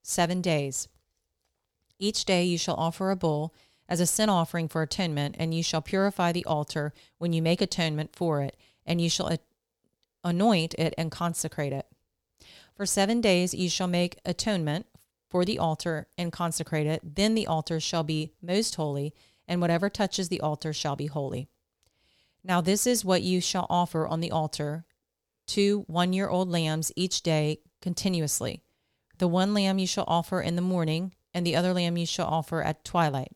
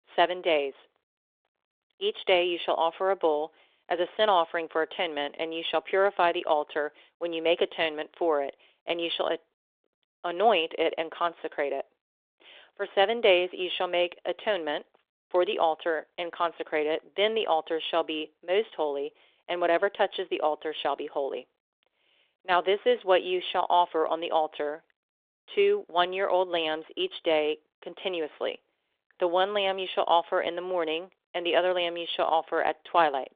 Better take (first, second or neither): first